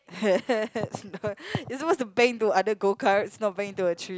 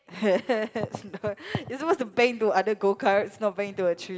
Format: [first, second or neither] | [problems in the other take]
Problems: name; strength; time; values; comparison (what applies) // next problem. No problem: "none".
first | room echo; dies away in 1.1 s